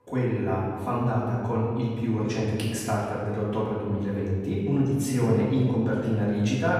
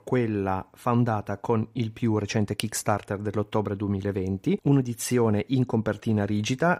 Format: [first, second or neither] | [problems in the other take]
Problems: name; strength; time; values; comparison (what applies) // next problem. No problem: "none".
second | room echo; noticeable; dies away in 1.8 s // off-mic speech; far